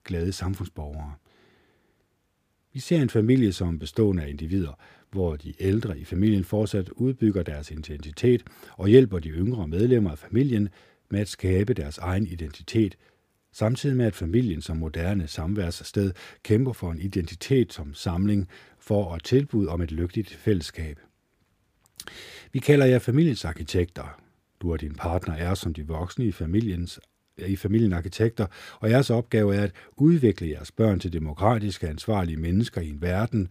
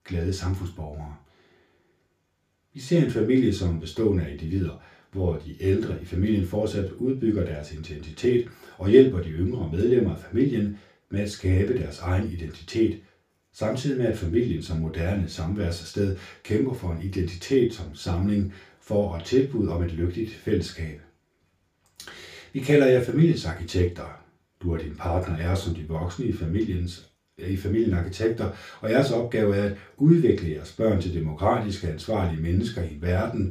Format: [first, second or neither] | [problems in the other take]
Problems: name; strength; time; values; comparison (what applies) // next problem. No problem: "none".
first | room echo; slight; dies away in 0.3 s // off-mic speech; far